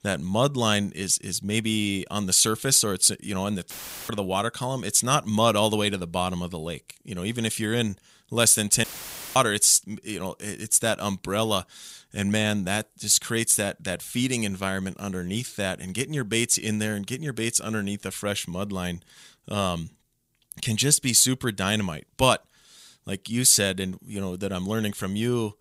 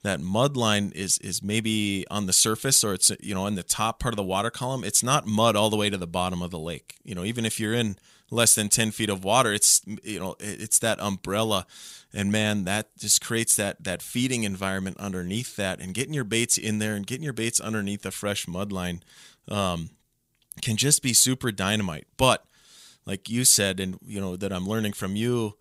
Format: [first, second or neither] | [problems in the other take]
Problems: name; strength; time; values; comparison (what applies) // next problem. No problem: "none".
second | audio cutting out; filled with static; at 3.5 s and at 9 s for 0.5 s